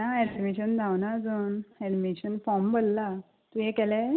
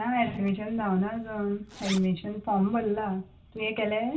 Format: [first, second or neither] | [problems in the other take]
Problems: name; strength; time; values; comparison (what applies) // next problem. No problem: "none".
first | background sound (Zipper (clothing)); 18 dB below the speech // room echo; dies away in 0.2 s